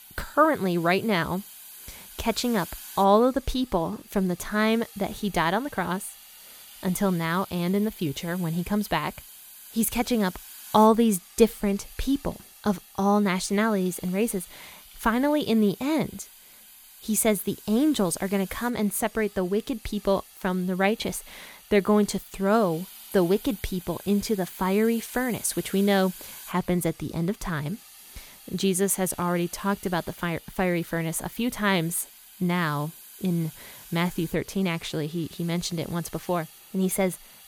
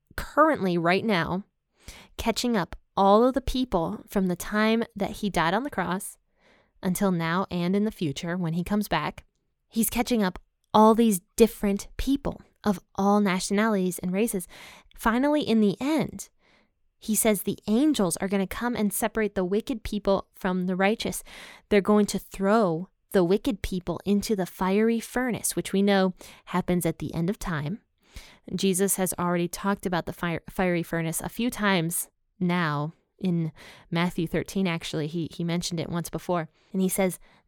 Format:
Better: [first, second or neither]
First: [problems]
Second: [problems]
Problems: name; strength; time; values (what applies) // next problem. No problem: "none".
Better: second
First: hiss; noticeable; throughout; 20 dB below the speech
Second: none